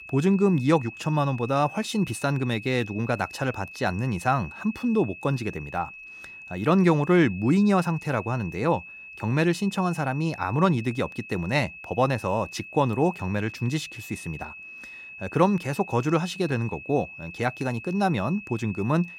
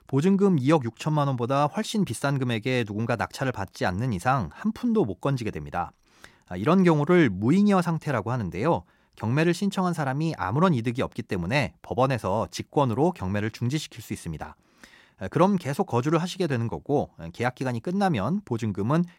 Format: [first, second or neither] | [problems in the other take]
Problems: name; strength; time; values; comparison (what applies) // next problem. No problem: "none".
second | high-pitched whine; noticeable; throughout; 2.5 kHz, 15 dB below the speech